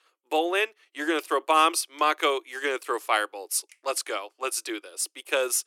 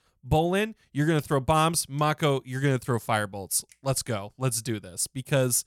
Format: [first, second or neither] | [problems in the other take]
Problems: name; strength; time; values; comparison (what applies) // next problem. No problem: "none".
second | thin; very; fading below 300 Hz